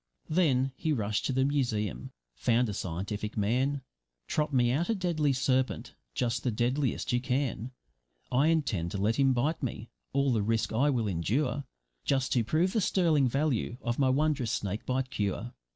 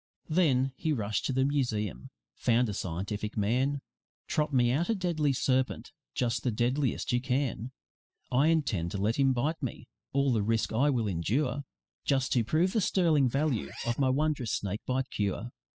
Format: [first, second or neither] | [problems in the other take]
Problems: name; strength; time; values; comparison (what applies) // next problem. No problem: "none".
first | noise reduction (classical method spectral subtraction)